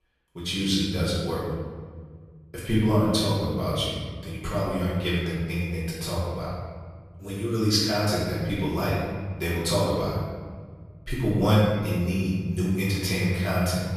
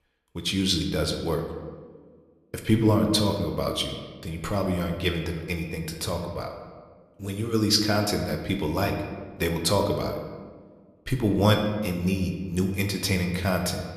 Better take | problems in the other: second | room echo; strong; dies away in 1.5 s; slight in the second // off-mic speech; far

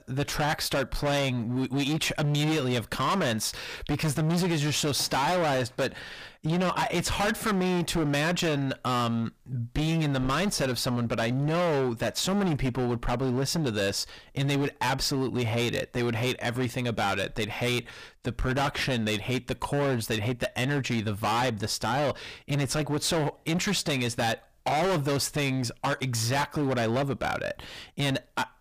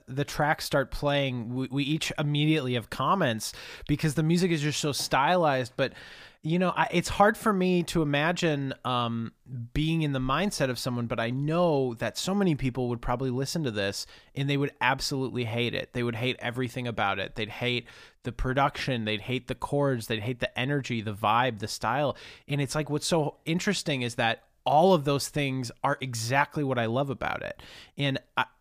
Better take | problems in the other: second | distortion; heavy; 24% of the sound clipped

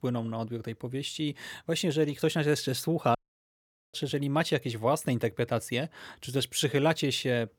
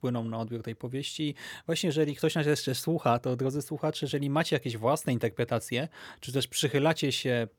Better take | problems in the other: second | audio cutting out; at 3 s for 1 s

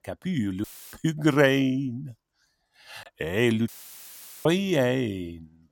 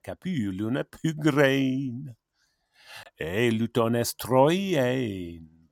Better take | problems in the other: second | audio cutting out; filled with static; at 0.5 s and at 3.5 s for 1 s

